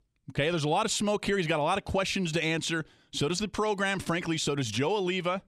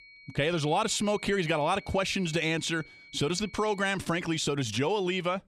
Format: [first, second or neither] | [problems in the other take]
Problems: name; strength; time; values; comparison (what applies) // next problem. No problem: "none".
first | high-pitched whine; faint; until 4 s; 2.5 kHz, 20 dB below the speech